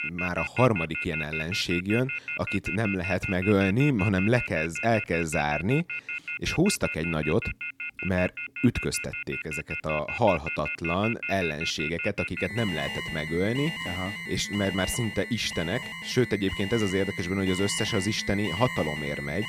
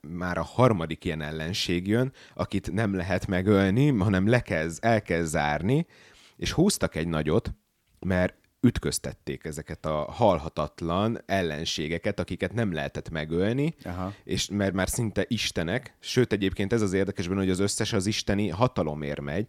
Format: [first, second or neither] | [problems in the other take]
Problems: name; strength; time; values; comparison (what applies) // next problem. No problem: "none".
second | alarms or sirens; loud; throughout; 5 dB below the speech